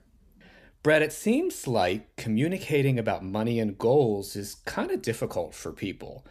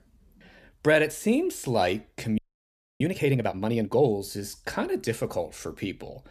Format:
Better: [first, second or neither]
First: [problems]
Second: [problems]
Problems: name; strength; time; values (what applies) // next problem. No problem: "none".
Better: first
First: none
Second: audio freezing; at 2.5 s for 0.5 s